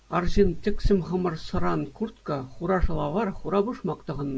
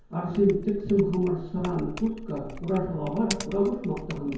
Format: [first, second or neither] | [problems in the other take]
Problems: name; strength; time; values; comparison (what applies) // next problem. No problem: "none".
first | background sound (Typing); 15 dB below the speech // room echo; dies away in 0.9 s